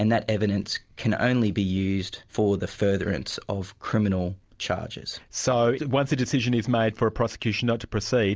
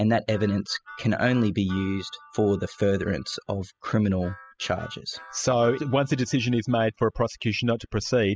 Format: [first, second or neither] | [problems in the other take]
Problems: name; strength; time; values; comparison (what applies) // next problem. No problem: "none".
first | noise reduction (classical method spectral subtraction)